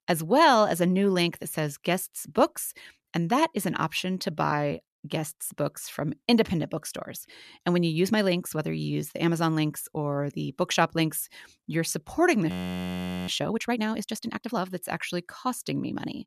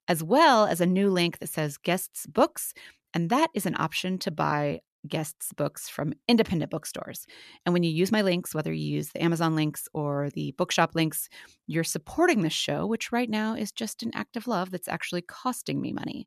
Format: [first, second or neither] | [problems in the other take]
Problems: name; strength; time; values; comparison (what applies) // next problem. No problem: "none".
second | audio freezing; at 13 s for 1 s